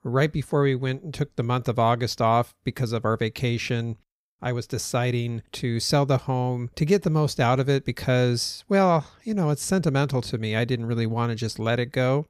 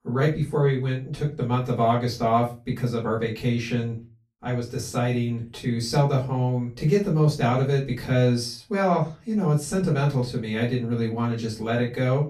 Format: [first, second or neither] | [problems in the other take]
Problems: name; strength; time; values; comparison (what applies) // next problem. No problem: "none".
first | off-mic speech; far // room echo; slight; dies away in 0.3 s